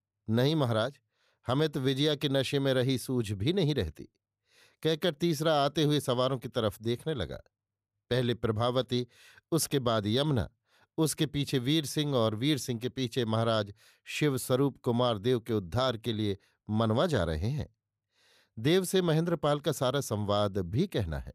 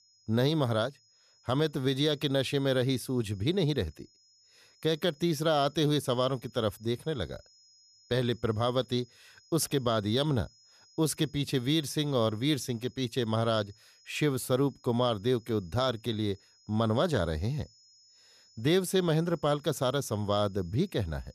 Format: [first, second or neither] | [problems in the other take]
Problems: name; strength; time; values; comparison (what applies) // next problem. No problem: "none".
first | high-pitched whine; faint; throughout; 5 kHz, 30 dB below the speech